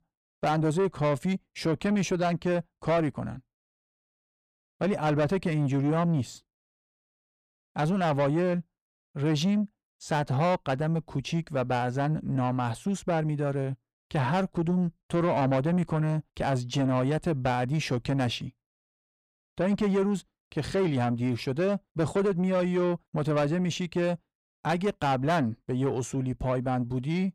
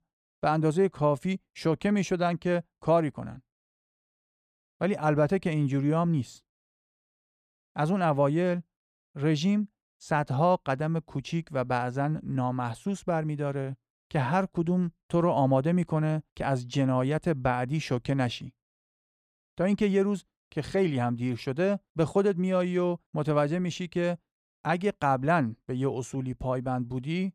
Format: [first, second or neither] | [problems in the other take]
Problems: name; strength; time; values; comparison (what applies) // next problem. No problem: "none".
second | distortion; slight; 10 dB below the speech